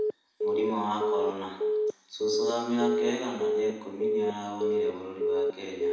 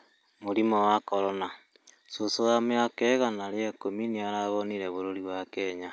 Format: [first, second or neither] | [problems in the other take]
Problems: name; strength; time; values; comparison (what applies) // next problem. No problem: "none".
second | background sound (Telephone); 4 dB above the speech // room echo; dies away in 1 s